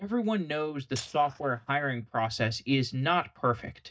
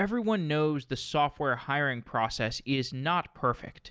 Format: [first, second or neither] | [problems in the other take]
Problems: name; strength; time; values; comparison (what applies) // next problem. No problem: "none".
second | noise reduction (neural mask model DeepFilterNet 3)